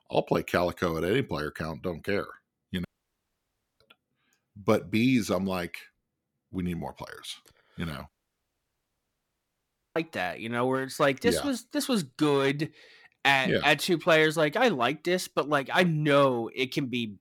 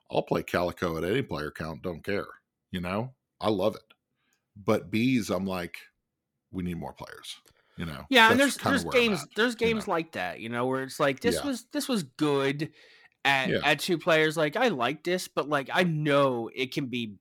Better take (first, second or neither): second